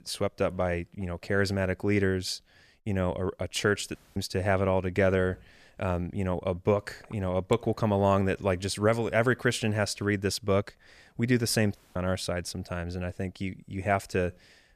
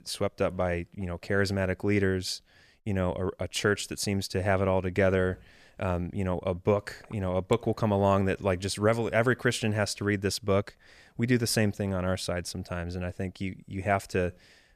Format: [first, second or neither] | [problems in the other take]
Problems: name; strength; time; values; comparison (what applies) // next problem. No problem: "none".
second | audio cutting out; at 4 s and at 12 s